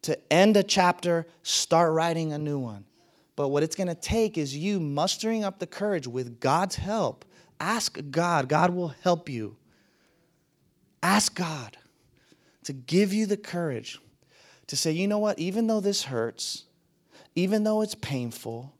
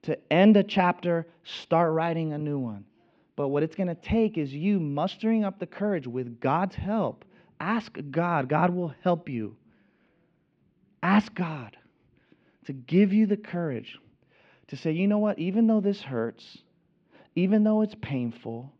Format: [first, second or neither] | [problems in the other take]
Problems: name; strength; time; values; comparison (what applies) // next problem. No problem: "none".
first | muffled; very; fading above 3 kHz